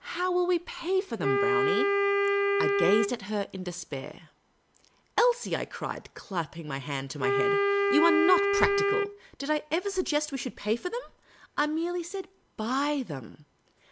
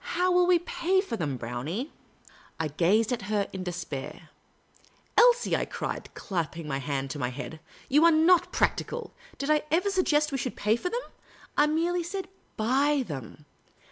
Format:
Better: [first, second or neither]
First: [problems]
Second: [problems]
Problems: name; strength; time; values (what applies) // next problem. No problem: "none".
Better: second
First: background sound (Wind instrument, woodwind instrument); 3 dB above the speech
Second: none